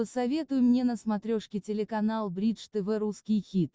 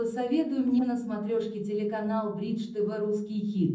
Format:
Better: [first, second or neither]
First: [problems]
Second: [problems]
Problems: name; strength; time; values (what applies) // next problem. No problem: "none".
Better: first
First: none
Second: noise reduction (neural separator model SepFormer DNS4)